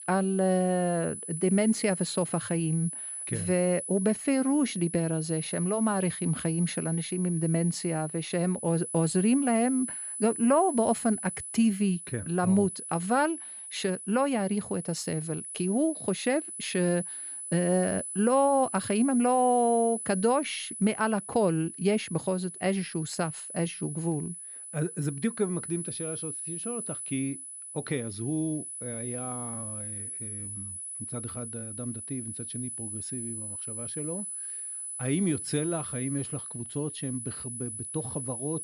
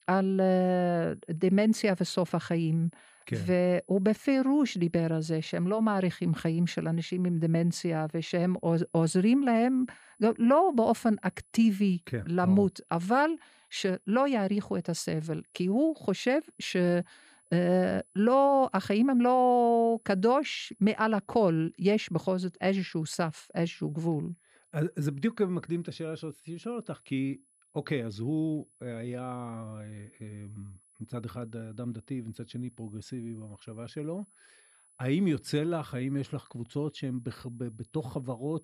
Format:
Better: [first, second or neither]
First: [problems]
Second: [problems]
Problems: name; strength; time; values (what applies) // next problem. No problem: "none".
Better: second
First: high-pitched whine; loud; throughout; 10 kHz, 7 dB below the speech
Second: high-pitched whine; faint; throughout; 10 kHz, 35 dB below the speech